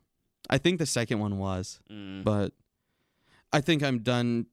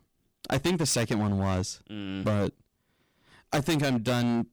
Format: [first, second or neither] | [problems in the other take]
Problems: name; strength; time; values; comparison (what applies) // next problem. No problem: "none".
first | distortion; heavy; 14% of the sound clipped